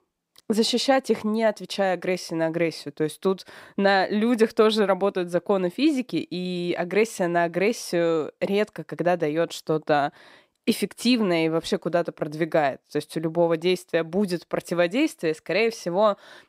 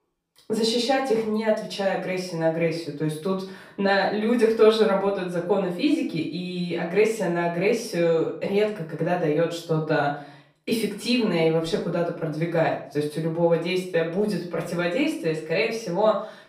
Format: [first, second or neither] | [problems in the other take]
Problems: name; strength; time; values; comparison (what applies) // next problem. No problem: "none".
first | off-mic speech; far // room echo; slight; dies away in 0.4 s